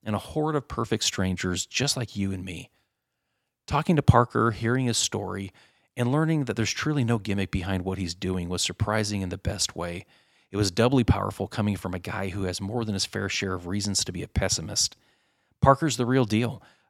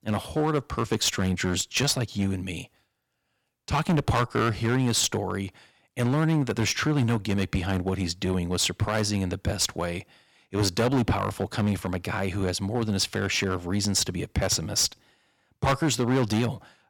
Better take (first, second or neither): first